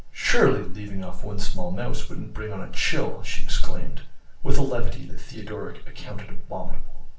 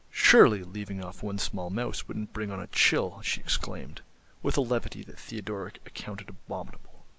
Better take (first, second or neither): second